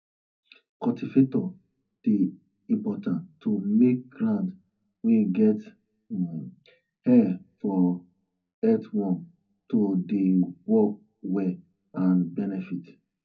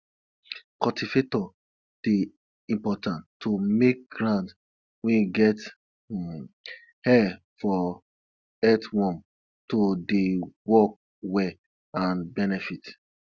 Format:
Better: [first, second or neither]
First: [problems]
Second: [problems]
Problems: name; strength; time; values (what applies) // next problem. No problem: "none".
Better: second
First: room echo; dies away in 0.3 s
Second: none